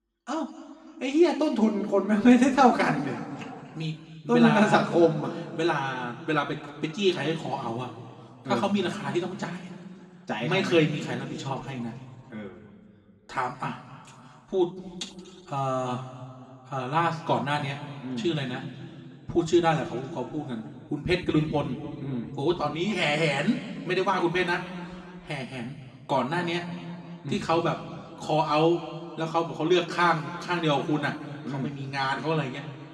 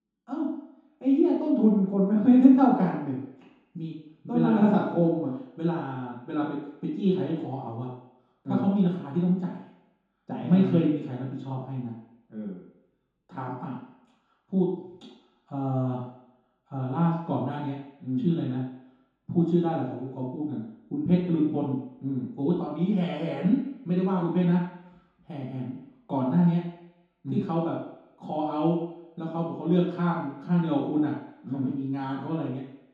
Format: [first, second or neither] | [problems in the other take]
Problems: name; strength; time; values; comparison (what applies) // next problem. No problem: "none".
first | room echo; strong; dies away in 0.8 s; slight in the first // off-mic speech; far; somewhat distant in the first